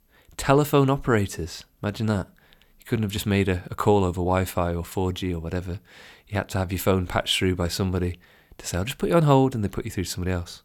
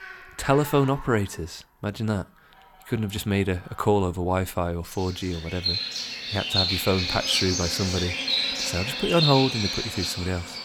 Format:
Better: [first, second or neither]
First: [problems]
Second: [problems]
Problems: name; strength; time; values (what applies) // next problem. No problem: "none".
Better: first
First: none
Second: animal sounds; very loud; throughout; as loud as the speech